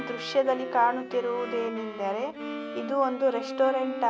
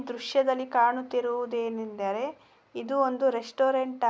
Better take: second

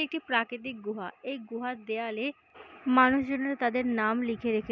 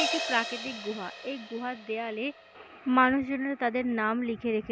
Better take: first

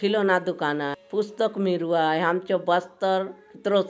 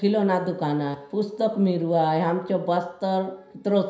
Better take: first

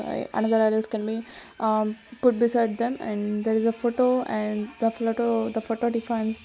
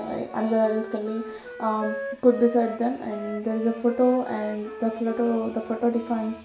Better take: first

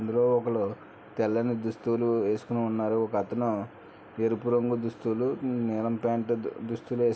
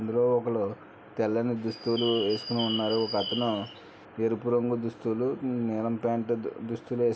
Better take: first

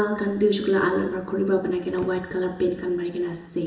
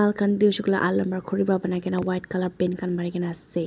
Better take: second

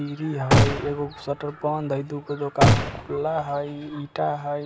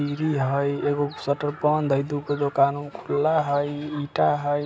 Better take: second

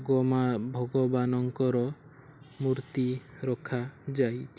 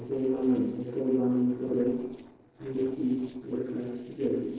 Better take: first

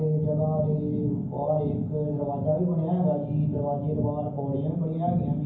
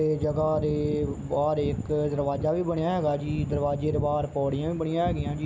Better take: second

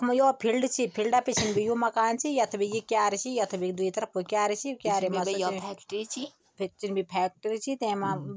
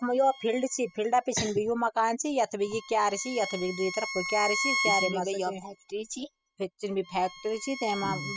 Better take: first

